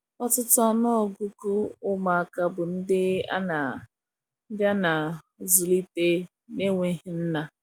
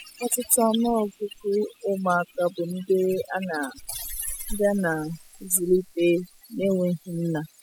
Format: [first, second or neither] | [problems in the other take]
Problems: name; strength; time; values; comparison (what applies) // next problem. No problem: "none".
first | noise reduction (classical method spectral subtraction)